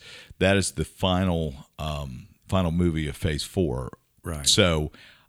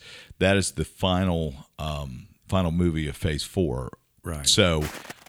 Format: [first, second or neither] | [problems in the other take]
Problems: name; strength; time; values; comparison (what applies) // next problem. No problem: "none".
first | footsteps; faint; at 5 s; peak 10 dB below the speech